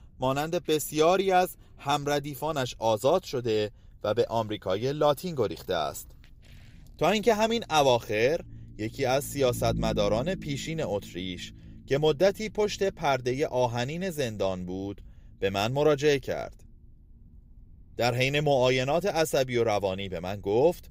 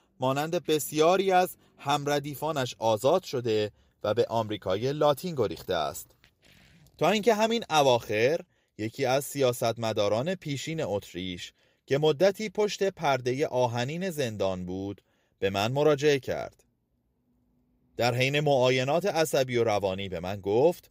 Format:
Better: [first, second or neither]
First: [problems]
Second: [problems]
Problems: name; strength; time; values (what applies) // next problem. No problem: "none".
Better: second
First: low rumble; faint; throughout; 25 dB below the speech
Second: none